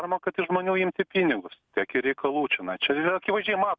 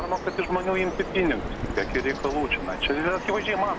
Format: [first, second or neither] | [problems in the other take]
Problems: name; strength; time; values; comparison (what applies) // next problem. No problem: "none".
first | background sound (Bird vocalization, bird call, bird song); 6 dB below the speech